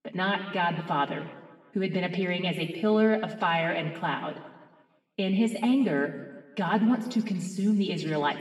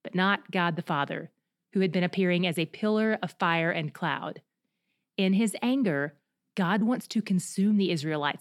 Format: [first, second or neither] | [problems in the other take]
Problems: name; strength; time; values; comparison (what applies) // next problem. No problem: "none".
second | room echo; noticeable; dies away in 1.2 s // off-mic speech; far